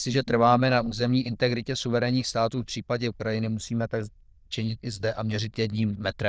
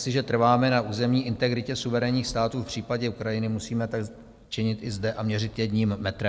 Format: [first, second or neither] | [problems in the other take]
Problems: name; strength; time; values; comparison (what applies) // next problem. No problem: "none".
second | noise reduction (neural diffusion model UNIVERSE++)